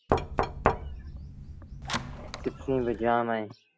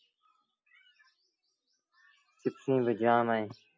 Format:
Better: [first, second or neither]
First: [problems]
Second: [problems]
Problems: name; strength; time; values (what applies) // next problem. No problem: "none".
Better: second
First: background sound (Knock); 1 dB above the speech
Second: none